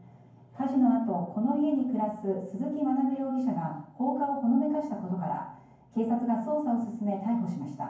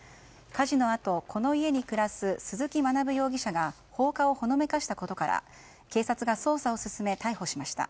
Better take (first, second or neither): second